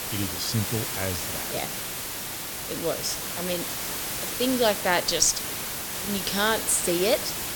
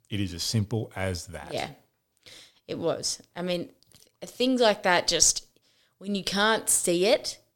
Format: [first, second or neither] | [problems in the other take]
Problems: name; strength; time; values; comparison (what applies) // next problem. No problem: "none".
second | hiss; loud; throughout; 3 dB below the speech